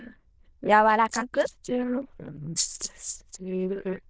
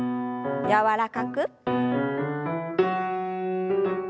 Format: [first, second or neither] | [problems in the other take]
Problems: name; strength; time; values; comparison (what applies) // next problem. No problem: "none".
second | noise reduction (neural diffusion model UNIVERSE++)